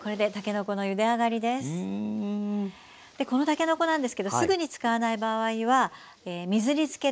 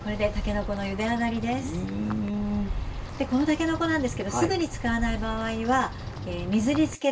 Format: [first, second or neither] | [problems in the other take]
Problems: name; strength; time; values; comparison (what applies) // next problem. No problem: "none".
first | background sound (Bird vocalization, bird call, bird song); 7 dB below the speech // room echo; dies away in 0.2 s